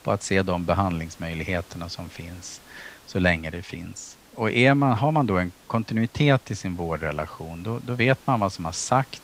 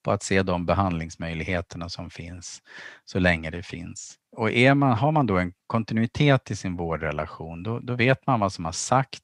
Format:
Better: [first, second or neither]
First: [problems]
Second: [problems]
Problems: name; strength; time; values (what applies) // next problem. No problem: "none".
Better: second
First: hiss; faint; throughout; 25 dB below the speech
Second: none